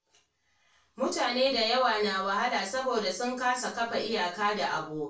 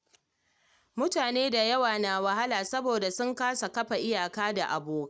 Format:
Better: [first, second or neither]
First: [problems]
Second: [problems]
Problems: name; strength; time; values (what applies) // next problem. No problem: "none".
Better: second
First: room echo; dies away in 0.3 s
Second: none